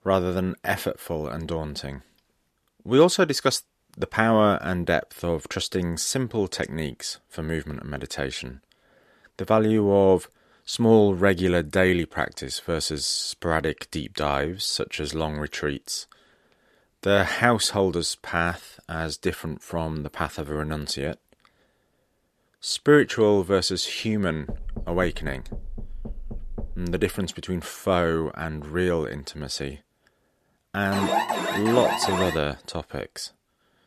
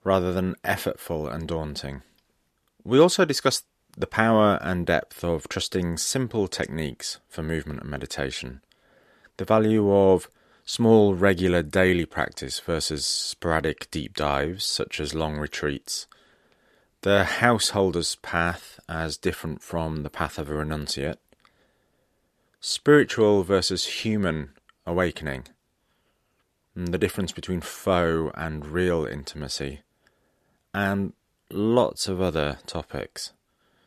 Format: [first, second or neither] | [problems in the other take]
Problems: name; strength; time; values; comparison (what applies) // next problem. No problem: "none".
second | door banging; faint; from 24 to 27 s; peak 10 dB below the speech // alarm; loud; from 31 to 32 s; peak 1 dB above the speech